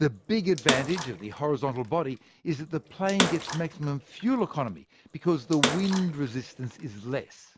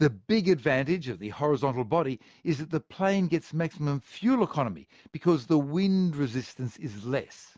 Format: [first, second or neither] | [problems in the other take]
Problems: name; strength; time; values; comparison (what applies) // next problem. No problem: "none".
second | background sound (Bathtub (filling or washing) / Water / Splash, splatter); 5 dB below the speech